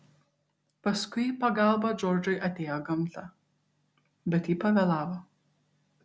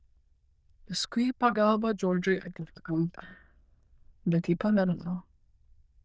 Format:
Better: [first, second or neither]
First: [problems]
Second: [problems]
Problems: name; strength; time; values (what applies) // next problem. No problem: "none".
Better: first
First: none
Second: noise reduction (neural diffusion model UNIVERSE++)